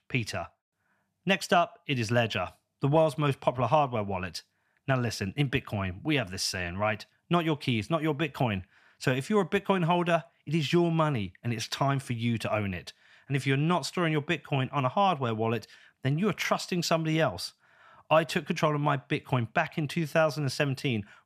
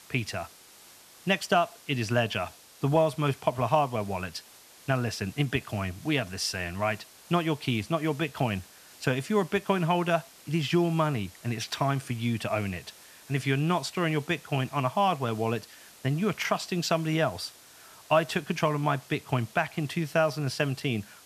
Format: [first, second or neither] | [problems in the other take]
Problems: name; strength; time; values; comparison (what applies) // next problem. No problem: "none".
first | hiss; faint; throughout; 20 dB below the speech